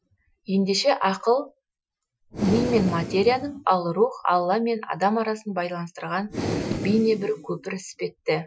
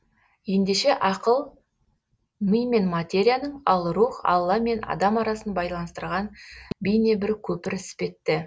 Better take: second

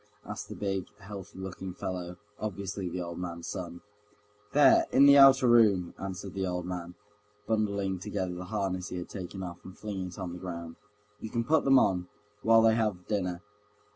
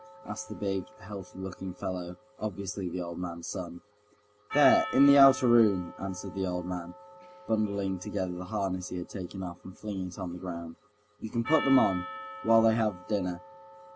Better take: first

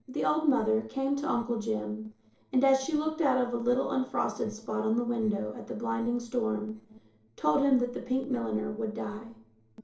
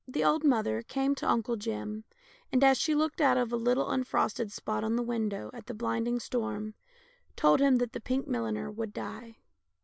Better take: second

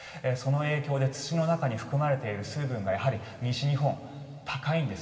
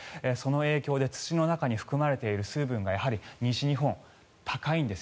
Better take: second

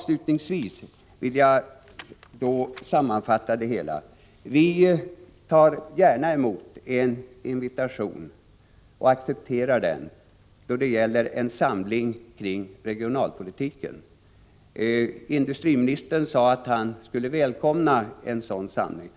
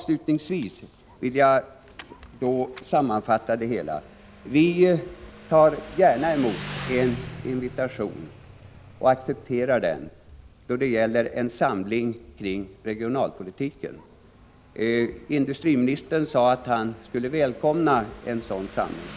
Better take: first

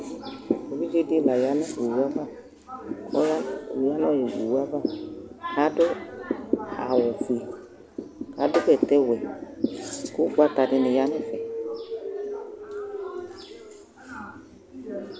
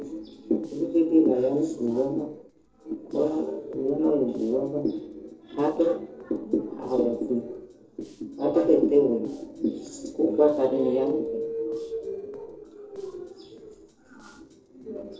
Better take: first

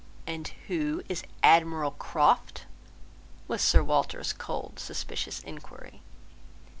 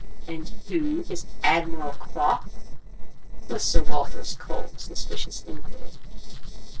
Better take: first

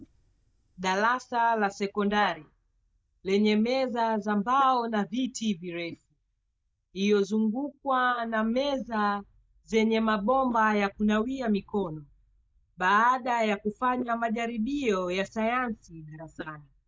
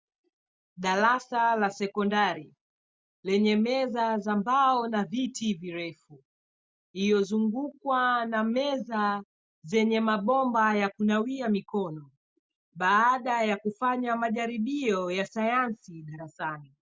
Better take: second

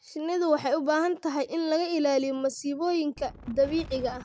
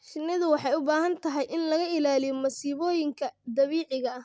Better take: second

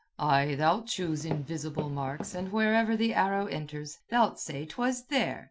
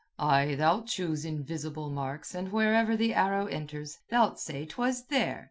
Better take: second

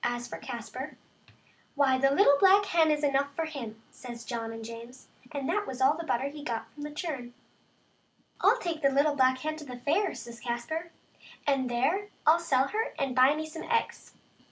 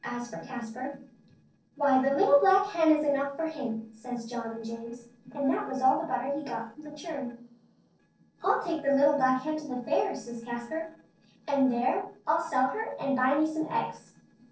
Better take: first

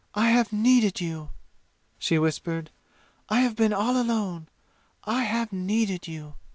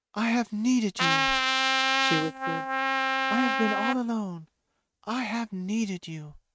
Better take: first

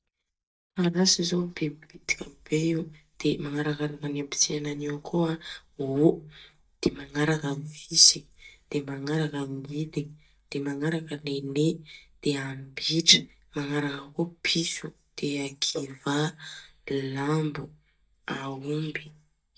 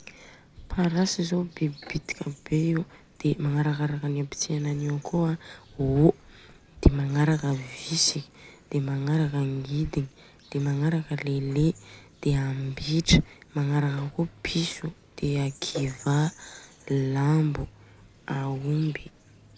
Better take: second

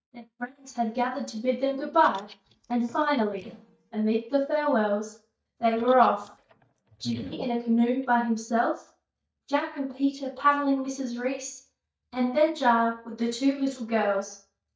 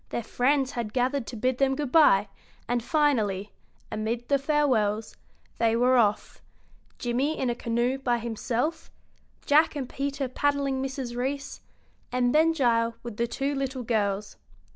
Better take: second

